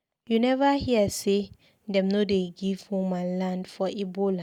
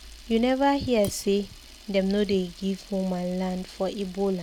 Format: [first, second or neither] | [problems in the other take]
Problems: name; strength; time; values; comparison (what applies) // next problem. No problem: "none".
first | background sound (Camera); 19 dB below the speech